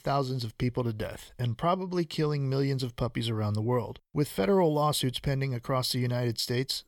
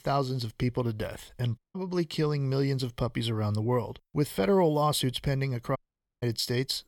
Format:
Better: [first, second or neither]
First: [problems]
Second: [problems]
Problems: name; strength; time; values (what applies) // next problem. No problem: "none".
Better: first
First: none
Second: audio cutting out; at 1.5 s and at 6 s